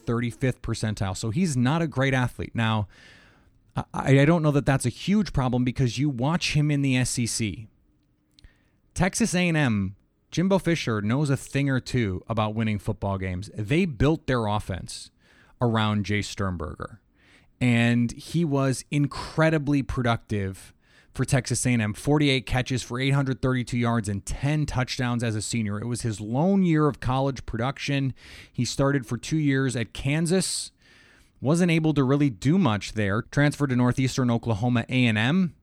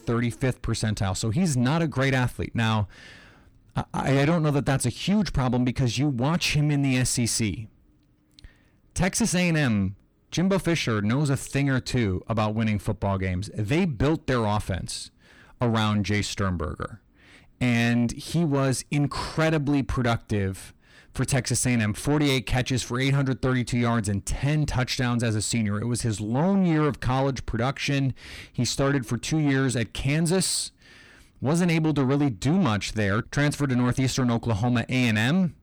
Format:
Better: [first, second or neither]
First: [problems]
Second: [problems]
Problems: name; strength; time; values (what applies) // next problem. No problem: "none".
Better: first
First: none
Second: distortion; slight; 10 dB below the speech